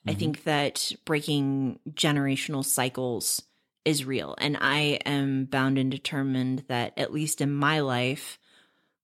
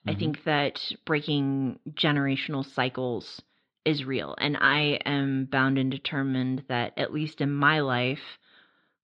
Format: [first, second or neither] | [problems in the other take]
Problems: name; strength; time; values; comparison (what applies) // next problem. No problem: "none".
first | muffled; slightly; fading above 4 kHz